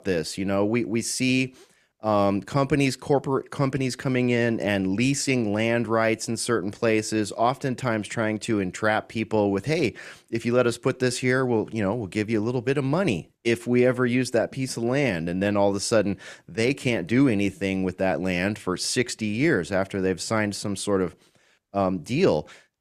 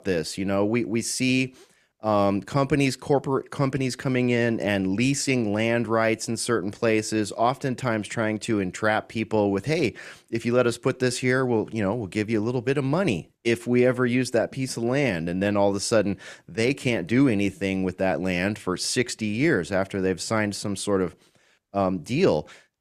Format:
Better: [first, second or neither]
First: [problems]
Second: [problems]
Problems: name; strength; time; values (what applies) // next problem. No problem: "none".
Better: neither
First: none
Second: none